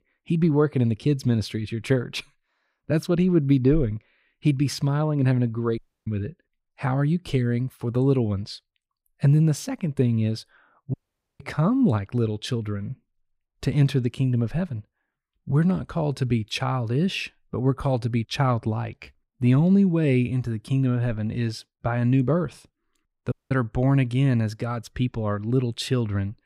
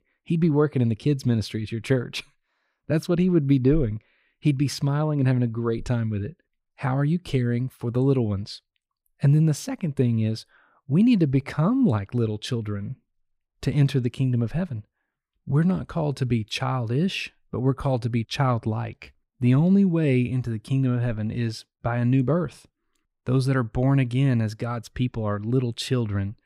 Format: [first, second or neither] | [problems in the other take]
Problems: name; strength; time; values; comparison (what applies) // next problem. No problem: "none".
second | audio cutting out; at 6 s, at 11 s and at 23 s